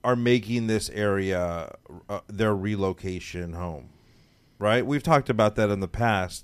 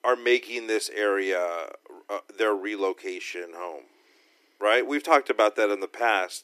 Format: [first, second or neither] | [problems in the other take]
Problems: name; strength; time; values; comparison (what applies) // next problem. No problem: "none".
first | thin; somewhat; fading below 300 Hz